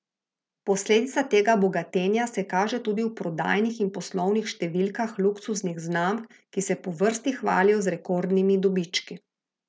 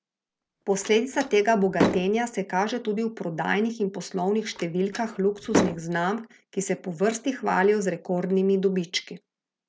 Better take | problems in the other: first | background sound (Slam); 5 dB below the speech

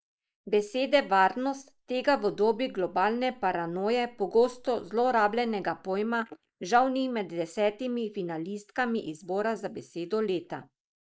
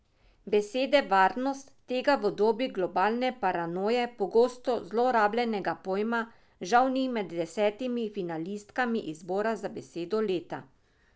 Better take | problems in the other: second | noise reduction (neural mask model Resemble Enhance denoiser)

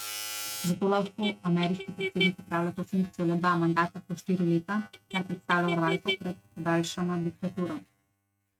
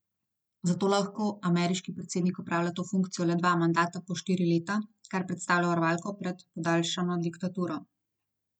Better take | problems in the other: second | noise reduction (neural mask model RNNoise)

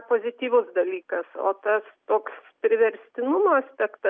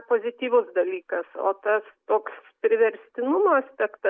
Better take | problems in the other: first | noise reduction (neural mask model Resemble Enhance denoiser)

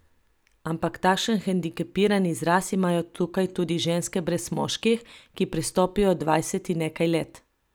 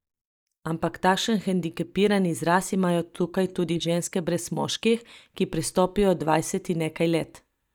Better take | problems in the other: first | noise reduction (neural mask model DeepFilterNet 3)

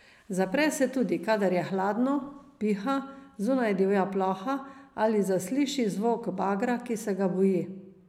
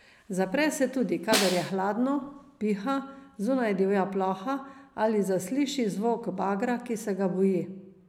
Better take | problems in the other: first | background sound (Snare drum); 6 dB below the speech

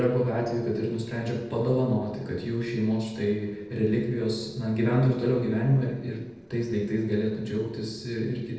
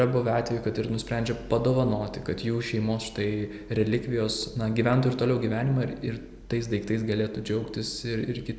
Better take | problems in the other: second | noise reduction (neural separator model SepFormer DNS4)

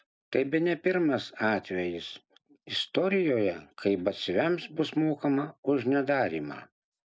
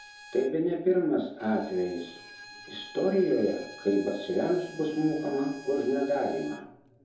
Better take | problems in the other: first | background sound (Bowed string instrument); 20 dB below the speech // room echo; dies away in 2.6 s

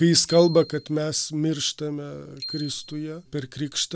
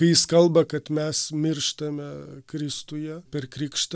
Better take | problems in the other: second | background sound (Bicycle bell); 17 dB below the speech

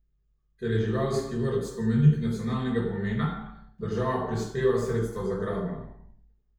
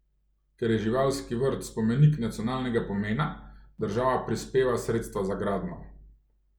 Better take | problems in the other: second | room echo; dies away in 0.7 s

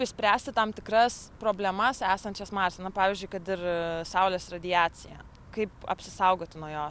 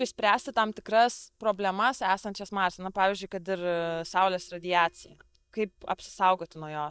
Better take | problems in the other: first | noise reduction (neural mask model DeepFilterNet 3)

